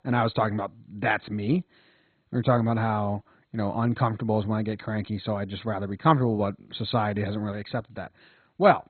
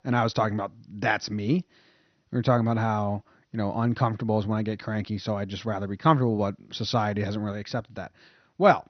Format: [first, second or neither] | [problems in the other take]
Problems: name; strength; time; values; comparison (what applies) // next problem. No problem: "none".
second | garbled, watery; badly; nothing above 4 kHz; slightly in the second